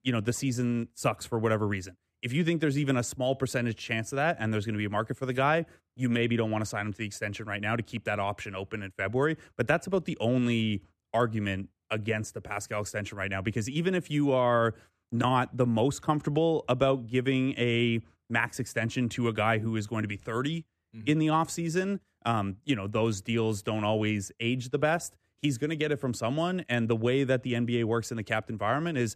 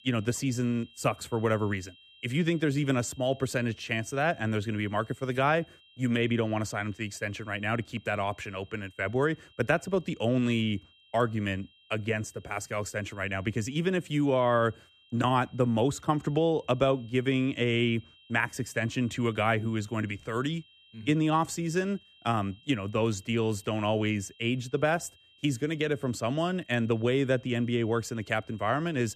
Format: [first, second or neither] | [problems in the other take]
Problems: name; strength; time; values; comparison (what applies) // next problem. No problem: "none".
first | high-pitched whine; faint; throughout; 3 kHz, 25 dB below the speech